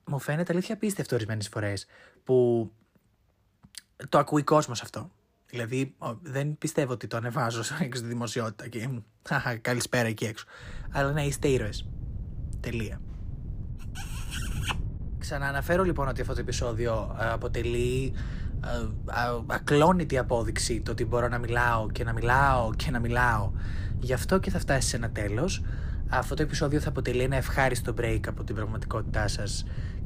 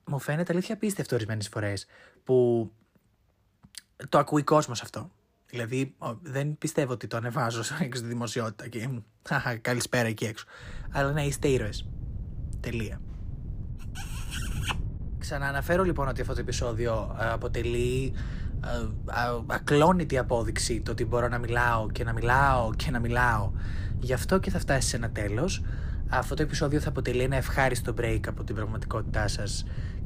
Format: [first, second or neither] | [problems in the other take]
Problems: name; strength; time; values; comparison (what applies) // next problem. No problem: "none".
neither | wind noise on the microphone; occasional gusts; from 11 s on; 20 dB below the speech; the same in both